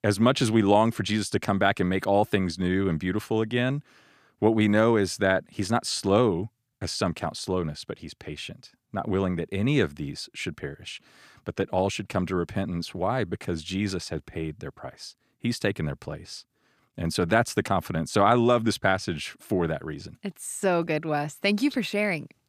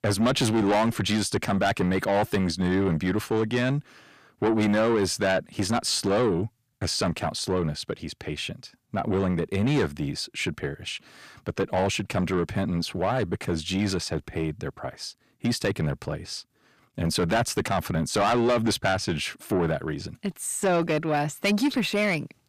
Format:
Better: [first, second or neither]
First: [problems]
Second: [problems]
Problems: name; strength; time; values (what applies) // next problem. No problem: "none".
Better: first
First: none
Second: distortion; heavy; 7 dB below the speech